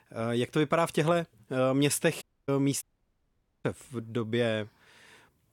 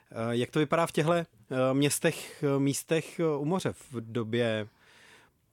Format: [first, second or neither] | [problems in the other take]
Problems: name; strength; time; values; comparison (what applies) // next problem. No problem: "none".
second | audio cutting out; at 2 s and at 3 s for 1 s